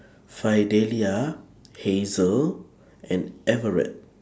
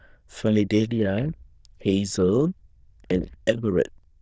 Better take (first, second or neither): first